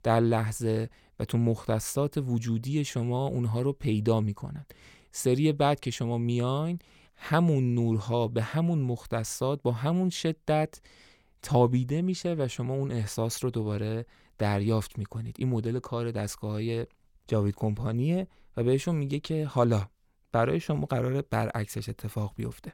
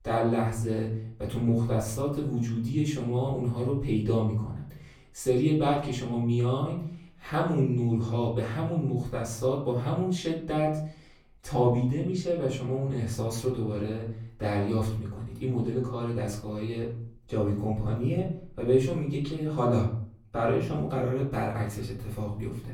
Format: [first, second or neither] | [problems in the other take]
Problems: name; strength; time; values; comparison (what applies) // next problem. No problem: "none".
first | off-mic speech; far // room echo; slight; dies away in 0.6 s